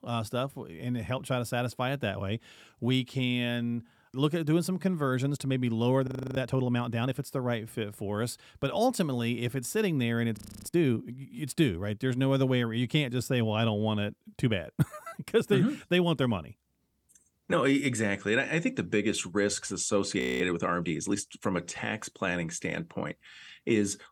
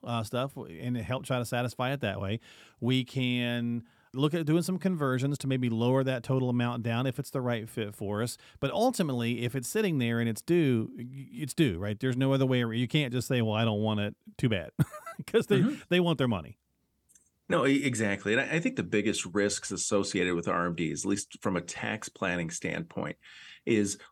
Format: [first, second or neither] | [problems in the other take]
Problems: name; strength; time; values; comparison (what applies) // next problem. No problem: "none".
second | audio freezing; at 6 s, at 10 s and at 20 s